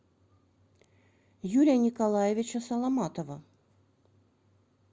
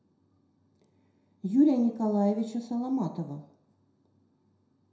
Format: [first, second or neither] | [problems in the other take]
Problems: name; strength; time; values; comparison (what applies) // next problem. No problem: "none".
first | room echo; dies away in 0.6 s